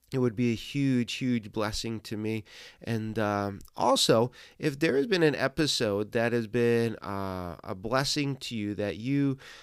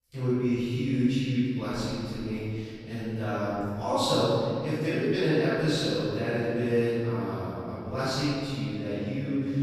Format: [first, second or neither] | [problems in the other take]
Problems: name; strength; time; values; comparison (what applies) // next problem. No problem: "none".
first | off-mic speech; far // room echo; strong; dies away in 2.5 s